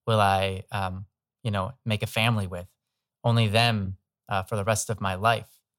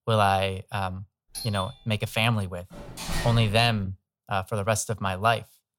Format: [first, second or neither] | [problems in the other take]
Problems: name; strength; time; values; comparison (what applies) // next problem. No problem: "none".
first | doorbell; noticeable; at 1.5 s; peak 9 dB below the speech // door banging; noticeable; from 2.5 to 4 s; peak 5 dB below the speech